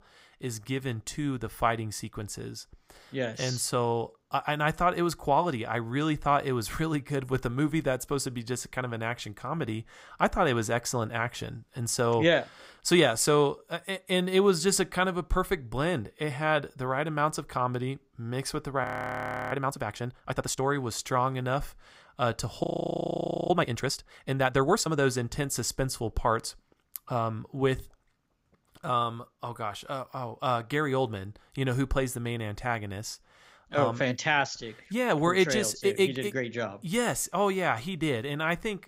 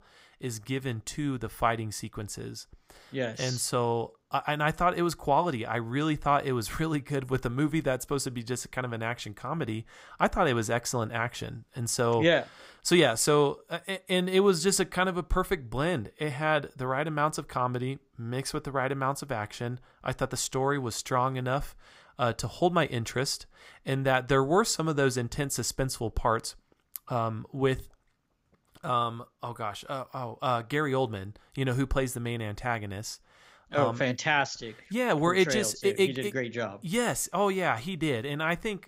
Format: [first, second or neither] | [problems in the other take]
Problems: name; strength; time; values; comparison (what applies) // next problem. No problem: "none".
second | audio freezing; at 19 s for 0.5 s and at 23 s for 1 s